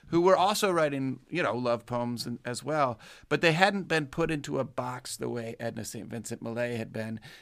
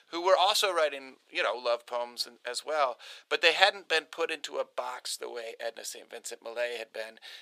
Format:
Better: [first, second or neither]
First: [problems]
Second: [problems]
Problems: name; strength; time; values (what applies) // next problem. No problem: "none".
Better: first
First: none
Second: thin; very; fading below 500 Hz